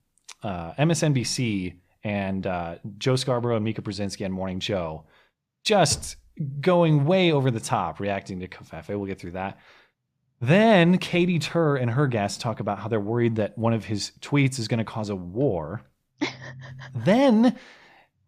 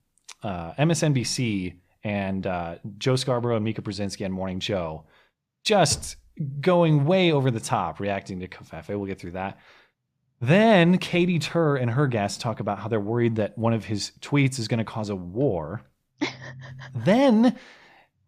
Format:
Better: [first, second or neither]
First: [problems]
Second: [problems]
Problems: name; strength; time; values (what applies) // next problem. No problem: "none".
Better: neither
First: none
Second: none